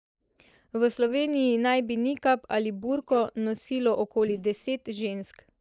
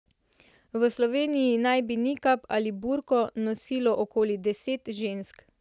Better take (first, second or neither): second